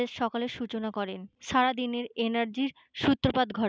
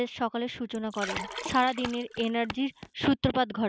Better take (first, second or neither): first